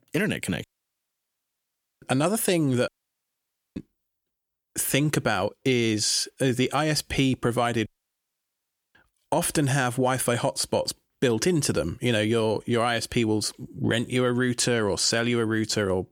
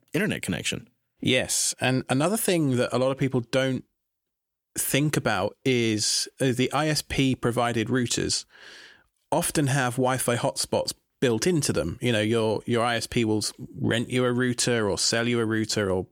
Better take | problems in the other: second | audio cutting out; at 0.5 s for 1.5 s, at 3 s for 1 s and at 8 s for 1 s

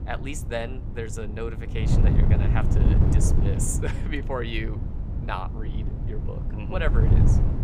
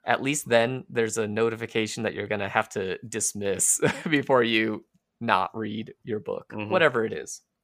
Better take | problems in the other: second | wind noise on the microphone; heavy; 4 dB below the speech

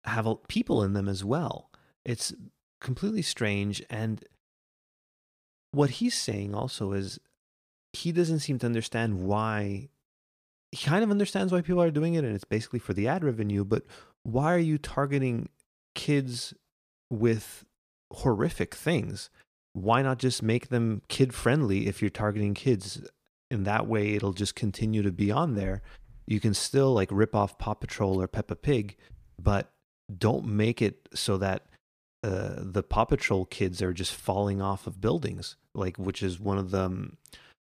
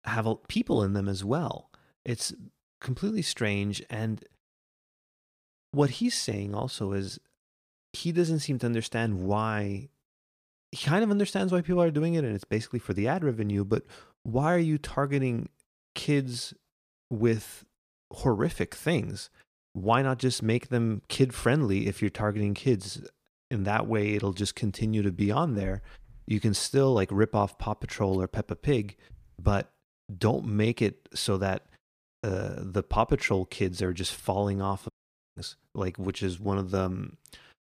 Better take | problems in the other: first | audio cutting out; at 35 s

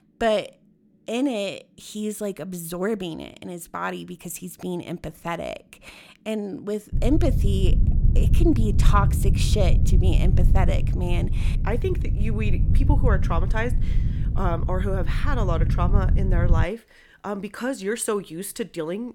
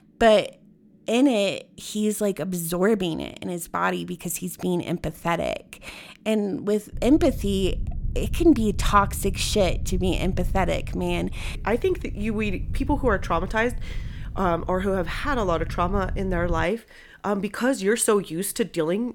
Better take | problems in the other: second | low rumble; loud; from 7 to 17 s; 9 dB below the speech; faint in the second

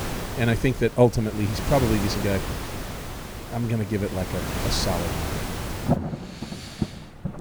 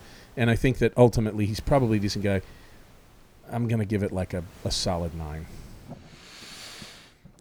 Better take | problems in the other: second | rain or running water; loud; throughout; 6 dB below the speech; faint in the second

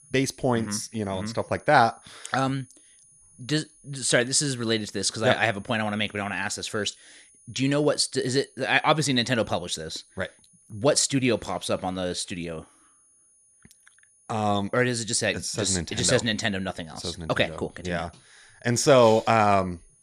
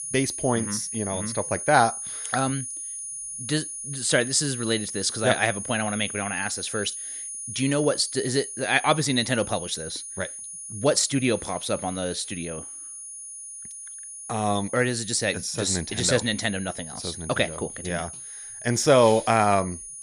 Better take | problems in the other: first | high-pitched whine; loud; throughout; 9.5 kHz, 9 dB below the speech; faint in the first

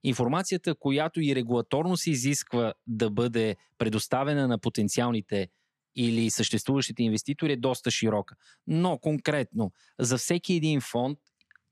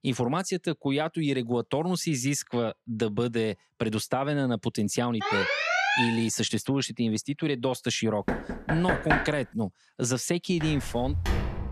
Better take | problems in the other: first | alarm; loud; at 5 s; peak 5 dB above the speech // door banging; loud; from 8.5 to 9.5 s; peak 3 dB above the speech // footsteps; noticeable; from 11 s on; peak 1 dB below the speech

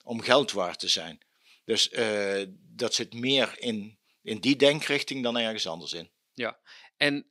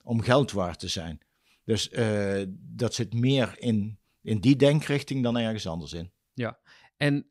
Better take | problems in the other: second | thin; very slightly; fading below 300 Hz

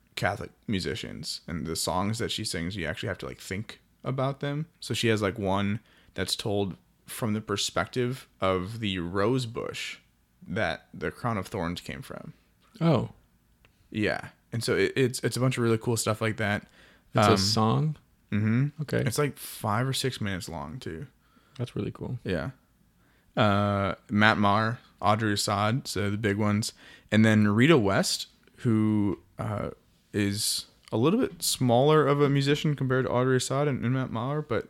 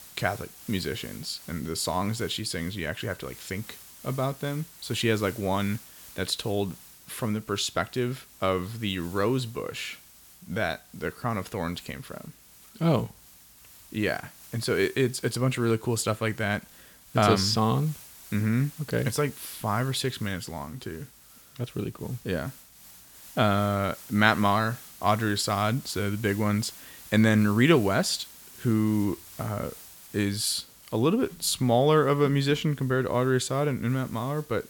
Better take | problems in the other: first | hiss; noticeable; throughout; 20 dB below the speech

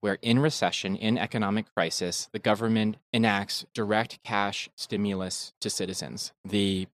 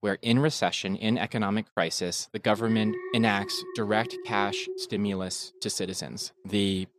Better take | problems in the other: first | alarm; noticeable; from 2.5 to 5 s; peak 7 dB below the speech

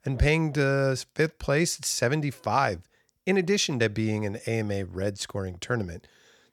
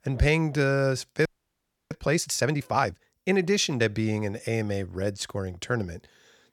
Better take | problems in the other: first | audio freezing; at 1.5 s for 0.5 s

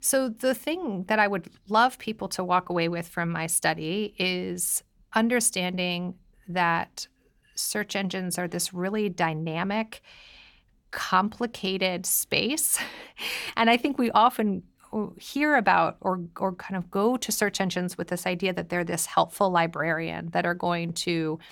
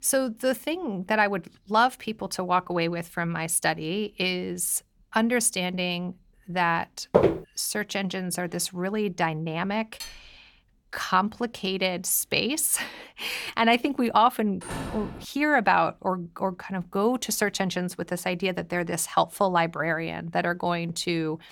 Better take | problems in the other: first | footsteps; loud; at 7 s; peak 4 dB above the speech // clattering dishes; faint; at 10 s; peak 15 dB below the speech // door banging; noticeable; at 15 s; peak 8 dB below the speech

